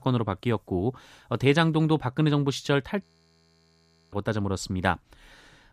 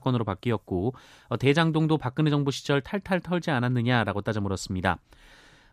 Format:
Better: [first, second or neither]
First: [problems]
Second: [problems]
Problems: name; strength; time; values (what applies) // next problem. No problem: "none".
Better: second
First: audio freezing; at 3 s for 1 s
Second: none